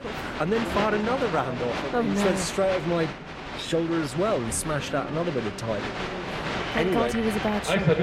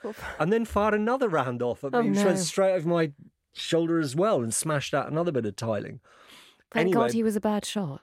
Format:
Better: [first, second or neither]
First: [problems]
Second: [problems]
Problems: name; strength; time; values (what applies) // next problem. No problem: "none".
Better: second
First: crowd noise; loud; throughout; 4 dB below the speech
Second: none